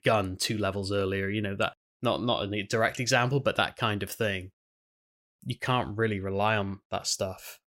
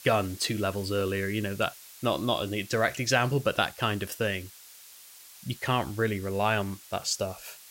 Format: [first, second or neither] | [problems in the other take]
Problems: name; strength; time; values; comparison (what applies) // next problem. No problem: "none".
first | hiss; noticeable; throughout; 20 dB below the speech